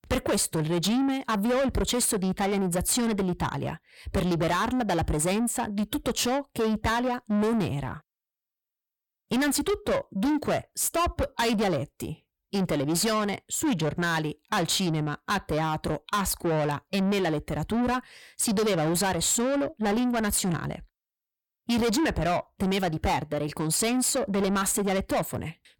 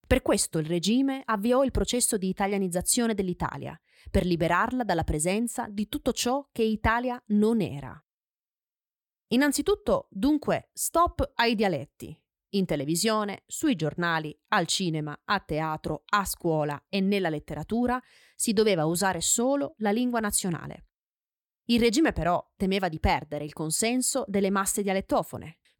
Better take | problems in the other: second | distortion; heavy; 7 dB below the speech

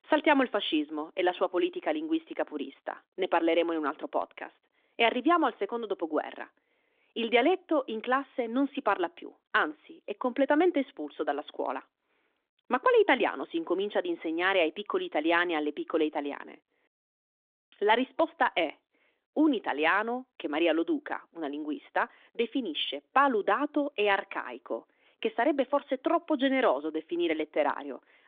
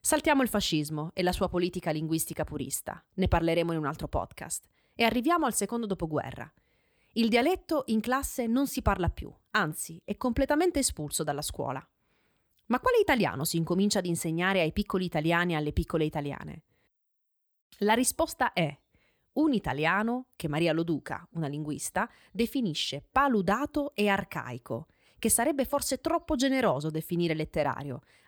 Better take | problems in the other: second | phone-call audio; nothing above 3.5 kHz

